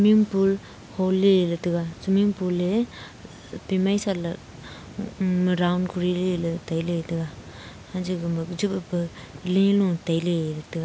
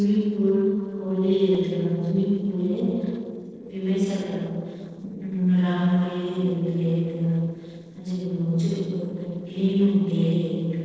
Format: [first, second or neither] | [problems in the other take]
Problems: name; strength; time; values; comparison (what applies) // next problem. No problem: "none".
first | noise reduction (neural separator model SepFormer DNS4)